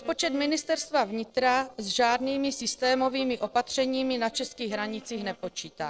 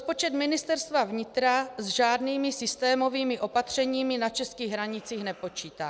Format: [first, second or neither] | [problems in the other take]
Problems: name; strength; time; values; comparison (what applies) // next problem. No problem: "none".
second | noise reduction (neural separator model SepFormer DNS4)